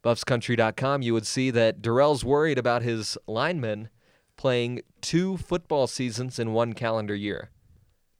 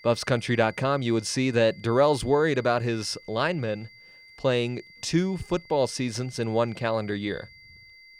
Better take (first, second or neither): first